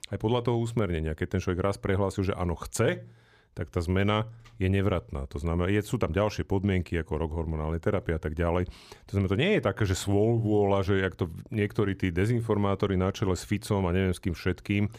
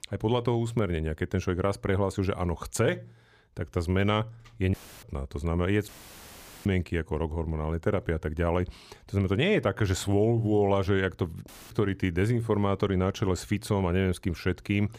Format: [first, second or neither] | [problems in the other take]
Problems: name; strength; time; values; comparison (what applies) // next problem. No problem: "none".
first | audio cutting out; filled with static; at 4.5 s, at 6 s for 1 s and at 11 s